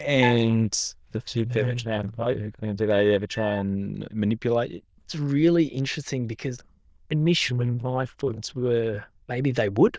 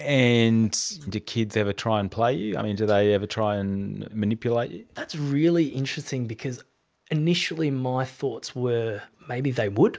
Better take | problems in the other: second | noise reduction (neural diffusion model UNIVERSE++)

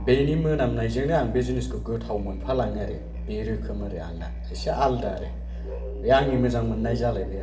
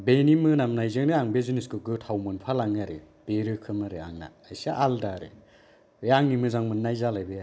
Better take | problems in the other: second | background sound (Musical instrument); 6 dB below the speech // room echo; dies away in 0.7 s

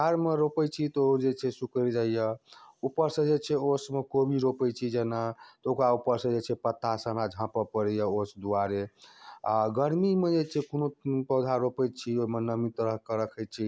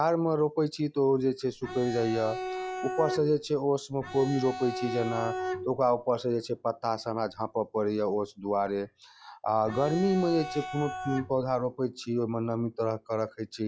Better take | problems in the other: first | noise reduction (classical method log-MMSE)

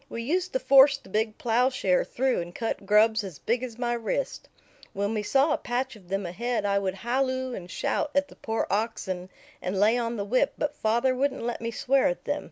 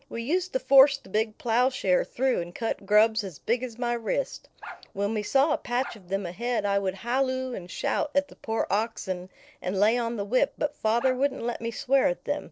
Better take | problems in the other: first | noise reduction (neural separator model SepFormer DNS4)

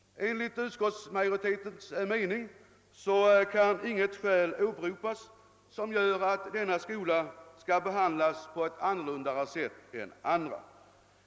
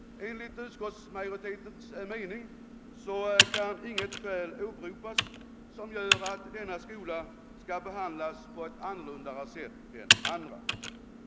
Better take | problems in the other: first | background sound (Computer keyboard); 4 dB above the speech

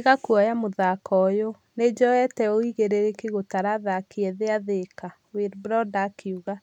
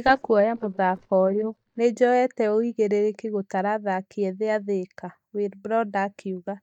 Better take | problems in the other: first | noise reduction (neural mask model DeepFilterNet 3)

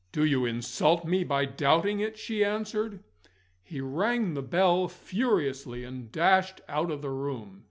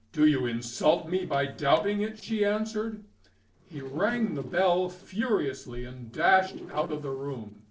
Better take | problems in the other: first | noise reduction (neural separator model SepFormer DNS4)

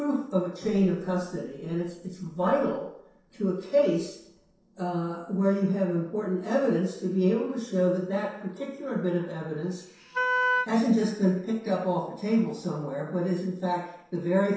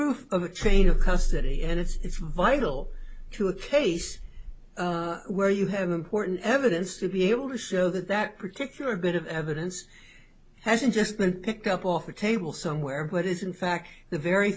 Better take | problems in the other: second | noise reduction (neural separator model SepFormer DNS4)

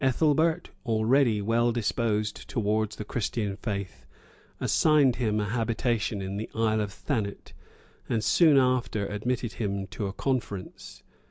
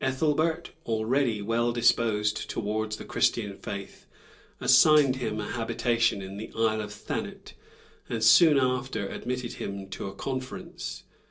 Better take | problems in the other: first | noise reduction (neural separator model SepFormer DNS4)

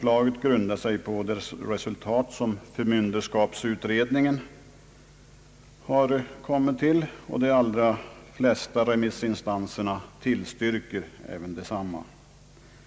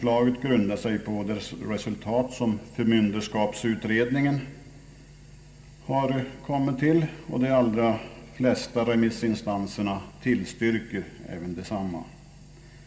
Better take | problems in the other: first | room echo; dies away in 1.2 s

